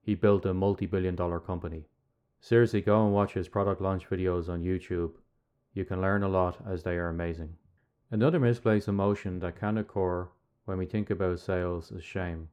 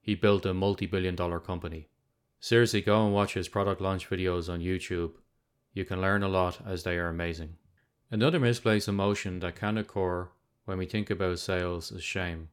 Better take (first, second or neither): second